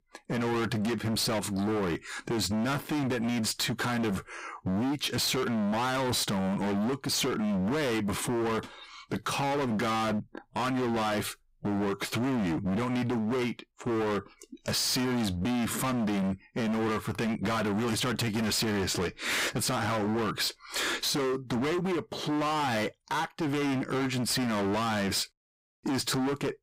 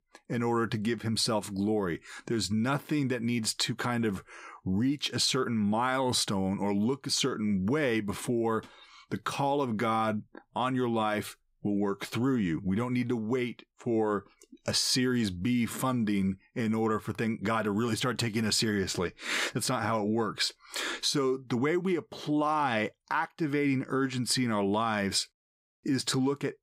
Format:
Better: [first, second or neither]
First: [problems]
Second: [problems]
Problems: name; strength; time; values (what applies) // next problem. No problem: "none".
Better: second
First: distortion; heavy; 39% of the sound clipped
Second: none